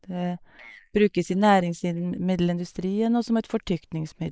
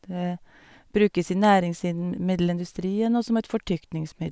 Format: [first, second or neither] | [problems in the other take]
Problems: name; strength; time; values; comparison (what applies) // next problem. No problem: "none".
second | noise reduction (neural mask model Resemble Enhance denoiser)